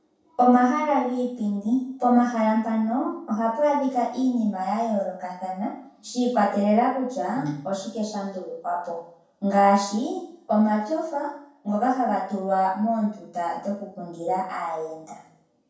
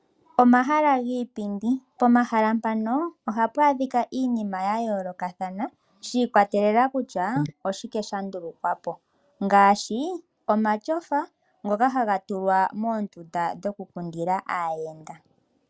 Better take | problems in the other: second | room echo; dies away in 0.6 s

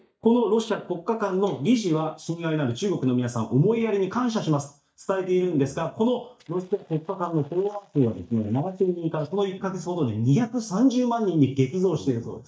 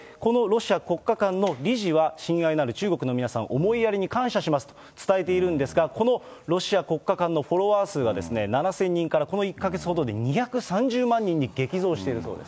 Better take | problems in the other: second | noise reduction (neural mask model DeepFilterNet 3)

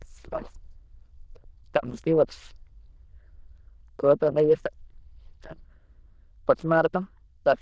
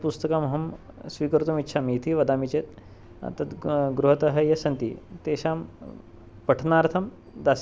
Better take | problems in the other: second | noise reduction (neural diffusion model UNIVERSE++)

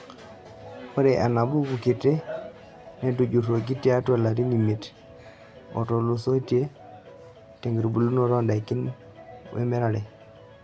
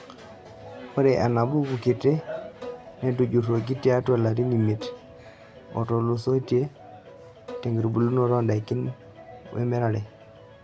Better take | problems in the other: first | background sound (Bowed string instrument); 20 dB below the speech

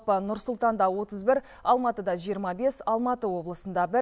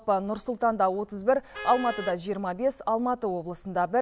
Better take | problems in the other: first | background sound (Vehicle horn, car horn, honking); 17 dB below the speech

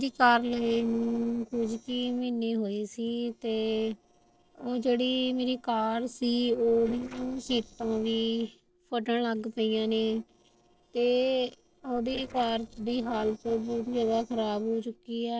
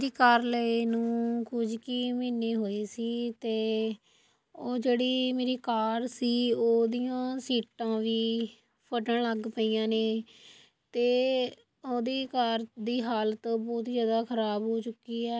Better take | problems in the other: second | noise reduction (neural separator model SepFormer DNS4)

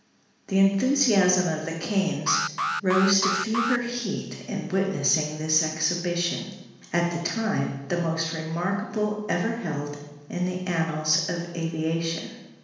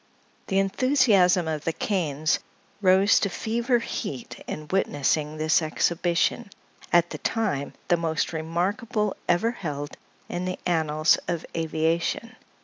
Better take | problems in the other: second | background sound (Alarm); 2 dB below the speech // room echo; dies away in 1.1 s

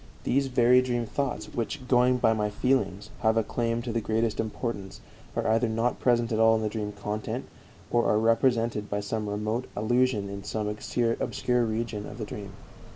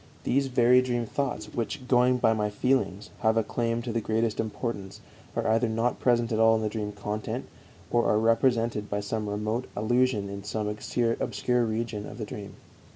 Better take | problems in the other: second | background sound (Traffic noise, roadway noise / Bus); 19 dB below the speech

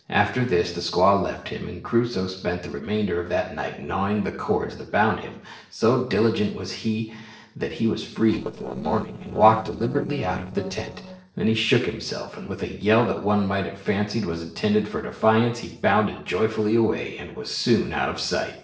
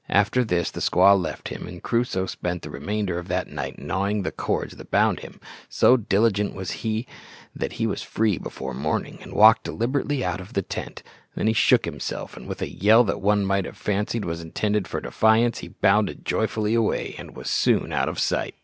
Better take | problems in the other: second | noise reduction (neural separator model SepFormer DNS4)

